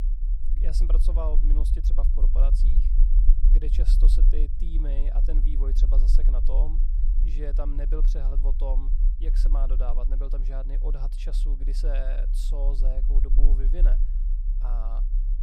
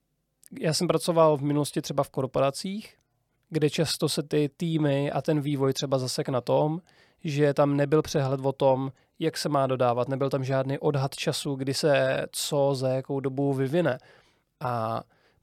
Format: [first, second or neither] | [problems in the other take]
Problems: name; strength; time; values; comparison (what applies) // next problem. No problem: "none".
second | low rumble; loud; throughout; 8 dB below the speech